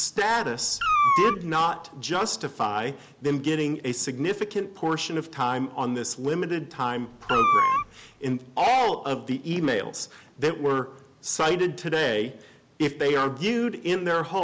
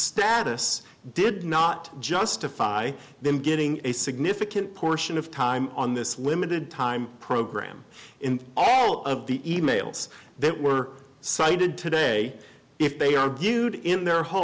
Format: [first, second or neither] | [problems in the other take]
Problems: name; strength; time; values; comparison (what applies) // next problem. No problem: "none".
second | background sound (Meow); 1 dB above the speech